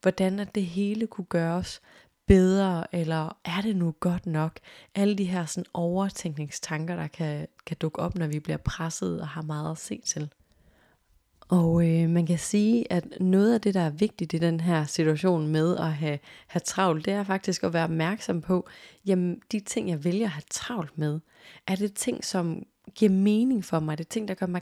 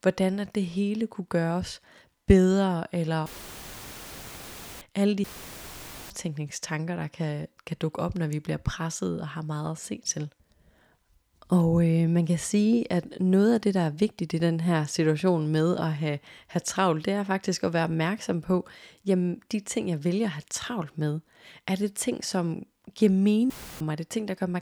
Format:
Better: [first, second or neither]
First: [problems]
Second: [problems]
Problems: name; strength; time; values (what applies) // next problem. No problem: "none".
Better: first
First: none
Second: audio cutting out; filled with static; at 3.5 s for 1.5 s, at 5 s for 1 s and at 24 s